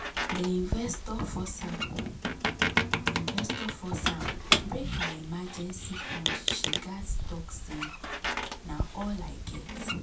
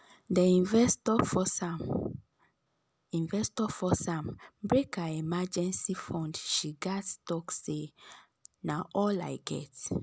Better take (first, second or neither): second